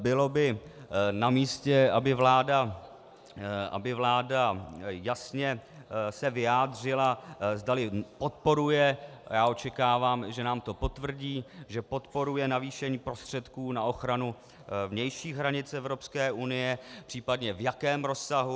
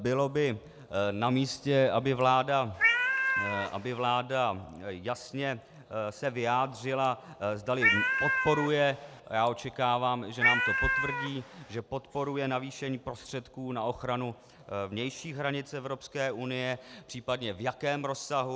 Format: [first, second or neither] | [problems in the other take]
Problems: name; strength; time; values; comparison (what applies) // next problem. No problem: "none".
first | background sound (Cat); 2 dB above the speech